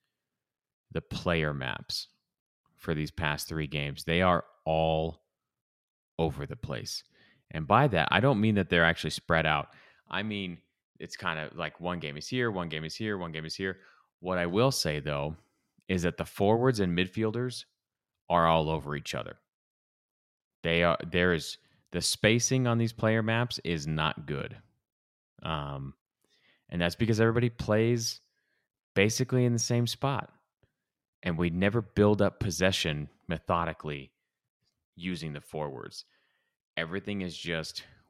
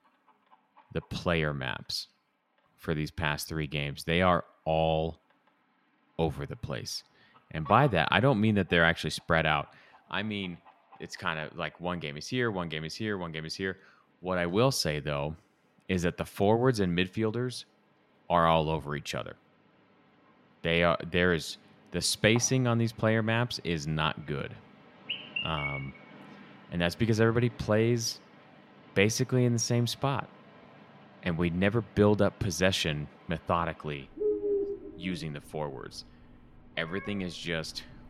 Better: first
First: none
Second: animal sounds; noticeable; throughout; 10 dB below the speech

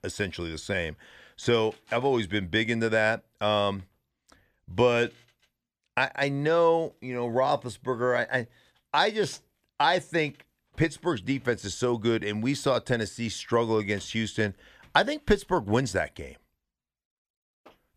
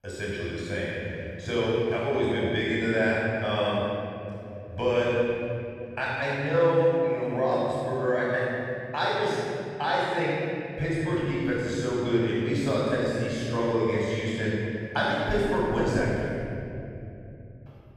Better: first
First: none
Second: room echo; strong; dies away in 3 s // off-mic speech; far

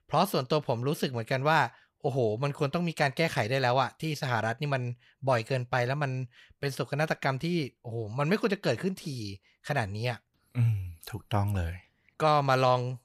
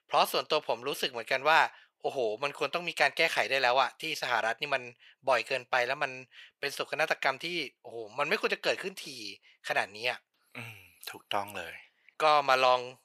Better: first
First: none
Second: thin; very; fading below 500 Hz

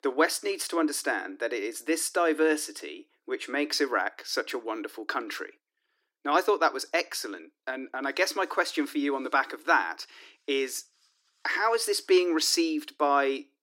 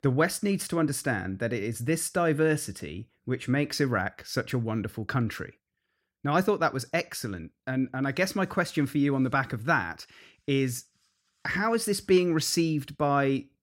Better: second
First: thin; somewhat; fading below 300 Hz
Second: none

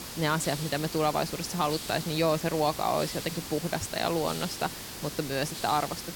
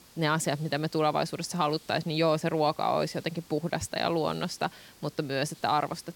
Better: second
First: hiss; loud; throughout; 7 dB below the speech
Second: hiss; faint; throughout; 25 dB below the speech

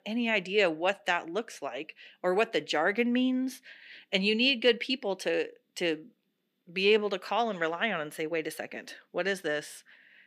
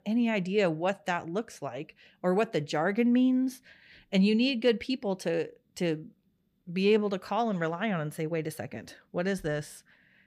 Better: second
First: thin; very slightly; fading below 250 Hz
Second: none

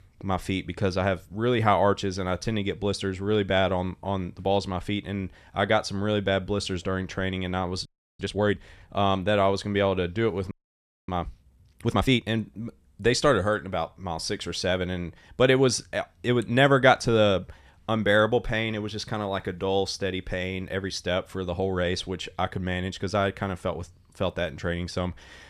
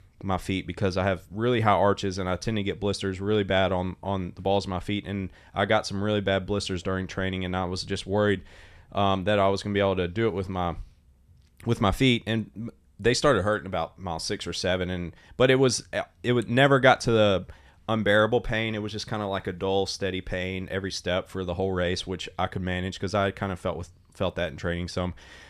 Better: second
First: audio freezing; at 8 s and at 11 s for 0.5 s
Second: none

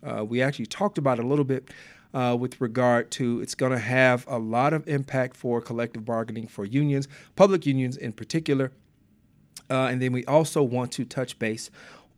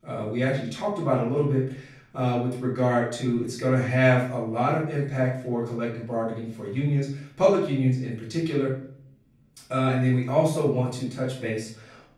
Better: first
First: none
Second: off-mic speech; far // room echo; noticeable; dies away in 0.5 s

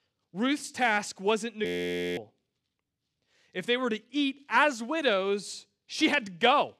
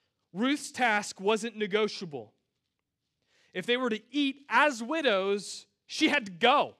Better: second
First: audio freezing; at 1.5 s for 0.5 s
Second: none

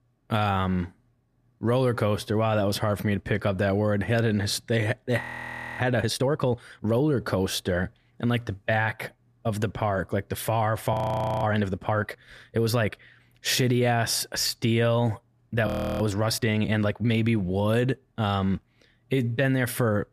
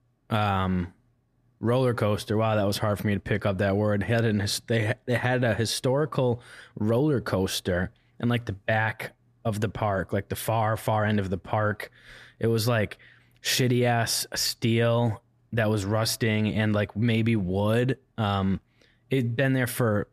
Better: second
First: audio freezing; at 5 s for 0.5 s, at 11 s for 0.5 s and at 16 s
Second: none

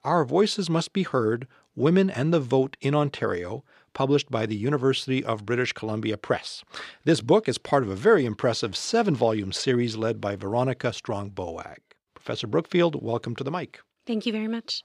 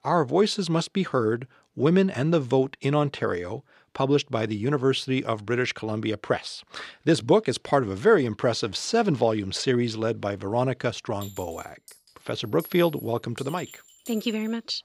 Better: first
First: none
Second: clattering dishes; faint; from 11 s on; peak 15 dB below the speech

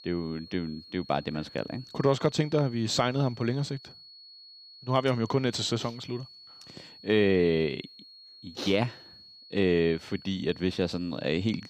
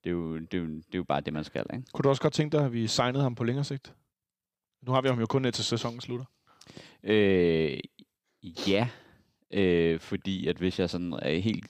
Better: second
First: high-pitched whine; noticeable; throughout; 4.5 kHz, 20 dB below the speech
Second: none

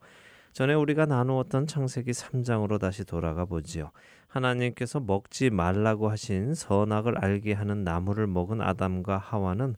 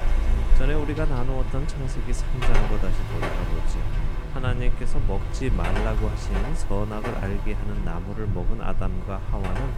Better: first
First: none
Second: traffic noise; very loud; throughout; 3 dB above the speech

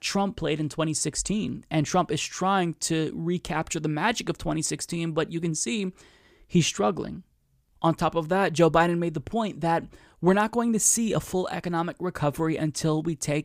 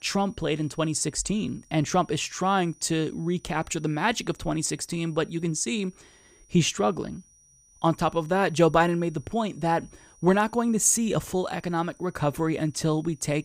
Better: first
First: none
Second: high-pitched whine; faint; throughout; 6 kHz, 30 dB below the speech

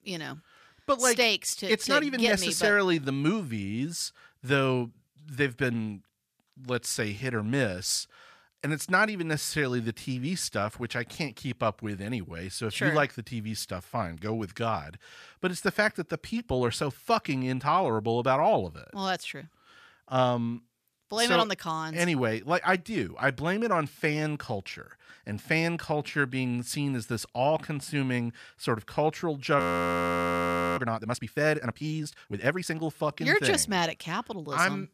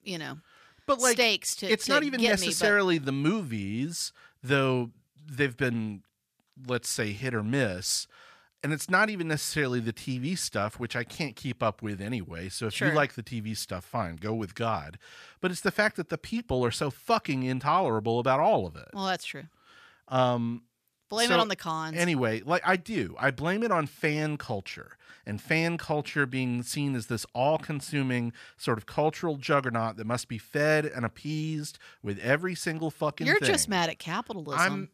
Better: second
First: audio freezing; at 30 s for 1 s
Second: none

